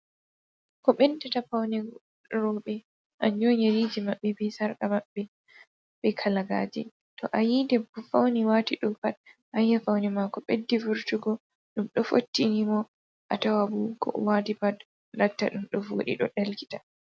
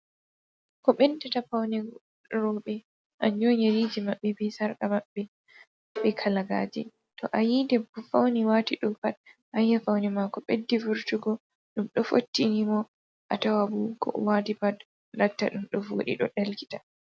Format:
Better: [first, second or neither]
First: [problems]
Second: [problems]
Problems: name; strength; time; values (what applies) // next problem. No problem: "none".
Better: first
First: none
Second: background sound (Bowed string instrument); 13 dB below the speech